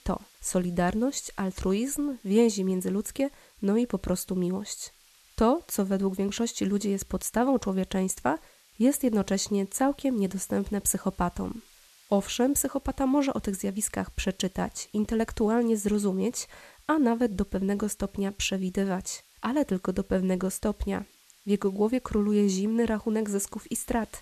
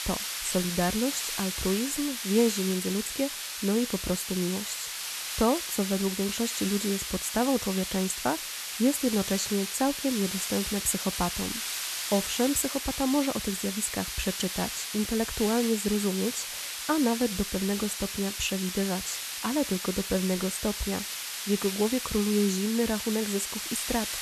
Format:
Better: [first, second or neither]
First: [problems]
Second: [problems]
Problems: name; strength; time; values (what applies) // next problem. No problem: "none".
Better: first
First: hiss; faint; throughout; 30 dB below the speech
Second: hiss; loud; throughout; 3 dB below the speech